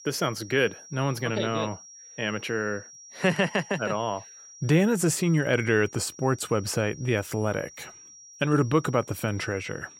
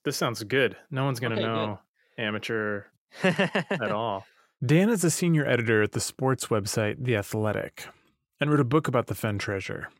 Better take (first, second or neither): second